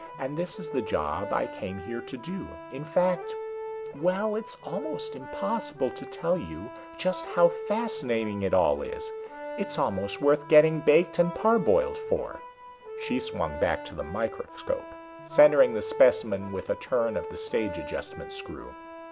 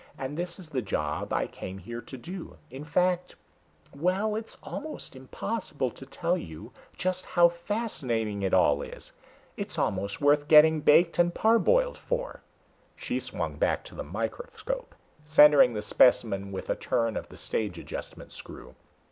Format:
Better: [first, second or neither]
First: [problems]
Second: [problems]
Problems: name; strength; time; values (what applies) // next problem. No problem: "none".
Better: second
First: background sound (Accordion); 11 dB below the speech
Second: none